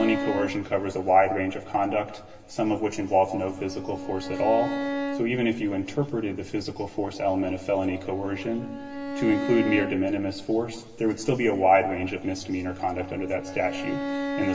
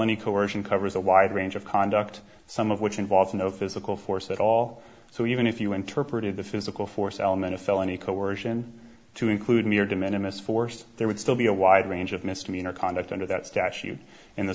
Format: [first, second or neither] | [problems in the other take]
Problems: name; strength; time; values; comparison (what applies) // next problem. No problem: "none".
second | background sound (Bowed string instrument); 9 dB below the speech // room echo; dies away in 1.3 s